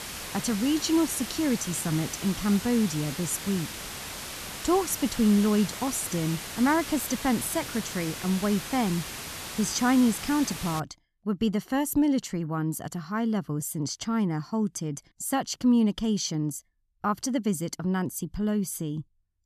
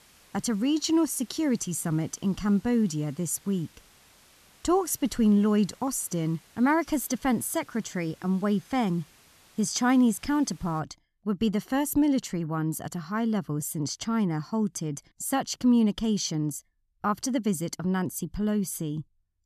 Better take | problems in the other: second | hiss; loud; until 11 s; 8 dB below the speech; faint in the second

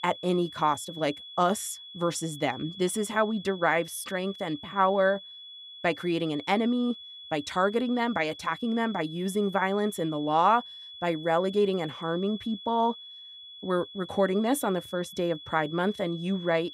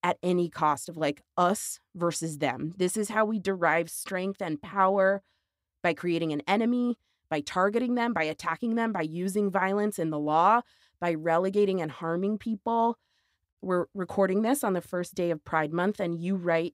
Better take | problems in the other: second | high-pitched whine; noticeable; throughout; 3.5 kHz, 15 dB below the speech

